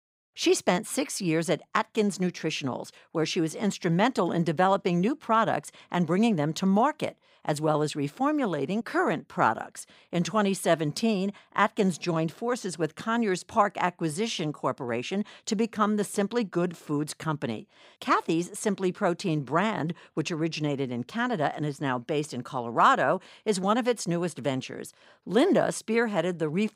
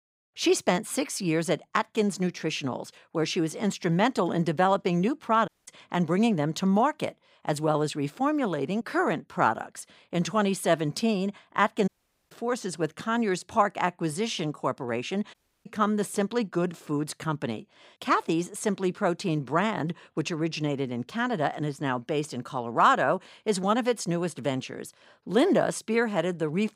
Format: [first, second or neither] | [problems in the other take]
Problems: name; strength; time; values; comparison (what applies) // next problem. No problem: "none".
first | audio cutting out; at 5.5 s, at 12 s and at 15 s